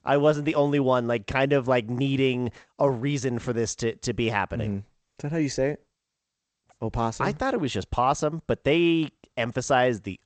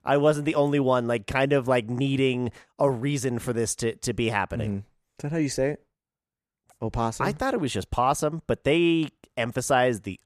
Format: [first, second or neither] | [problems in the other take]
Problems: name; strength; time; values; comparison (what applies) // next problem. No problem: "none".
second | garbled, watery; slightly; nothing above 7.5 kHz